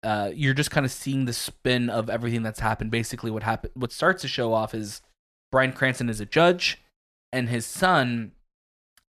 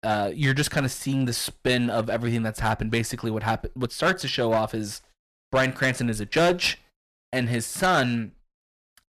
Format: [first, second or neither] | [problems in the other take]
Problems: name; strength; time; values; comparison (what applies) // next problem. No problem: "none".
first | distortion; slight; 7% of the sound clipped